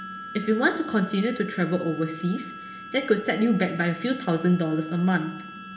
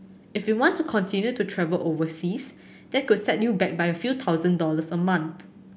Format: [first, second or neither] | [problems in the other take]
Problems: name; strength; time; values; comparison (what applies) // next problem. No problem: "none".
second | background sound (Harmonica); 15 dB below the speech // room echo; dies away in 0.9 s